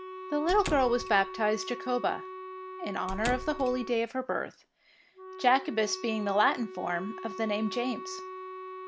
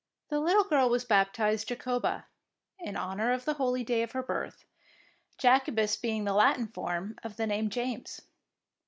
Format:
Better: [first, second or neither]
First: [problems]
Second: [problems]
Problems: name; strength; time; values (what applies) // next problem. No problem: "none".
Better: second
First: background sound (Squeak / Slam / Wood + Wind instrument, woodwind instrument); 10 dB below the speech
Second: none